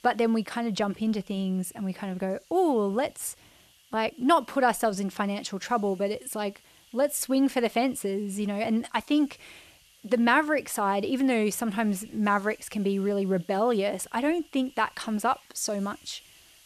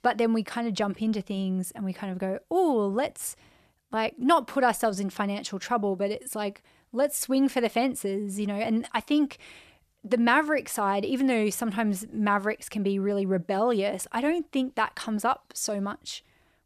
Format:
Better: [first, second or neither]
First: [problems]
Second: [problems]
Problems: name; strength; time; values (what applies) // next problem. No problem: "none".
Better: second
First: hiss; faint; throughout; 30 dB below the speech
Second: none